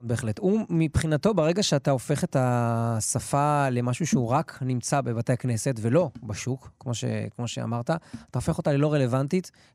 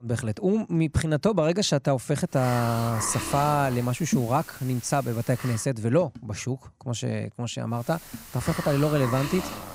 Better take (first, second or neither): first